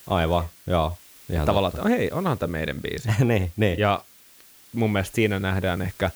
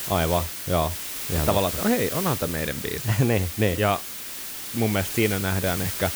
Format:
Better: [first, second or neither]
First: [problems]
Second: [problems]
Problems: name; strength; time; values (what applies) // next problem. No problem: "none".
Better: first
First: hiss; faint; throughout; 20 dB below the speech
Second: hiss; loud; throughout; 5 dB below the speech